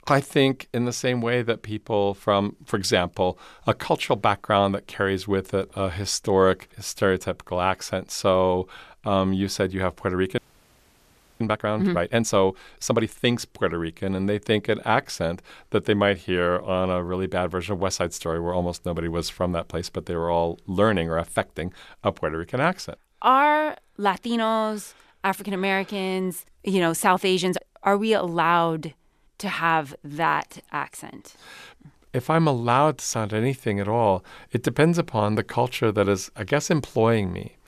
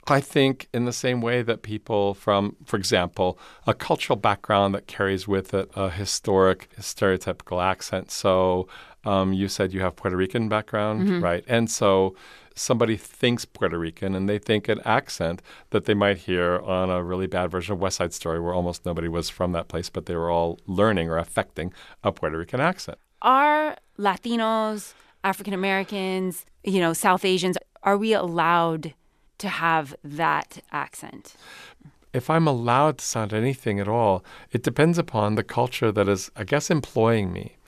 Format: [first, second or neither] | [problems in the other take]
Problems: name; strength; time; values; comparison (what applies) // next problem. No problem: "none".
second | audio freezing; at 10 s for 1 s